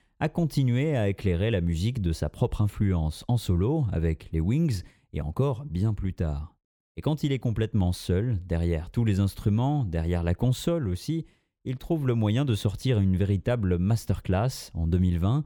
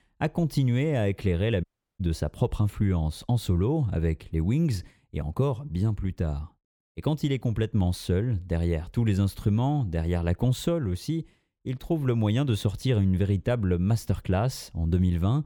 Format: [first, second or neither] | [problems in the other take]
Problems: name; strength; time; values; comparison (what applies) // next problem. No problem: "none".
first | audio cutting out; at 1.5 s